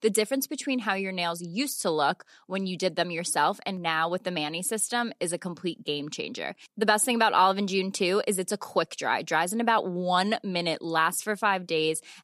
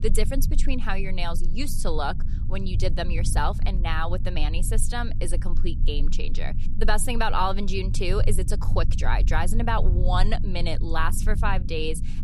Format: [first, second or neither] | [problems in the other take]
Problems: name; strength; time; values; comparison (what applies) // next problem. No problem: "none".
first | low rumble; noticeable; throughout; 15 dB below the speech